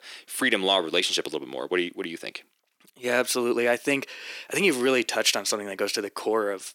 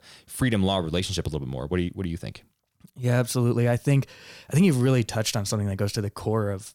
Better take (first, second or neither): second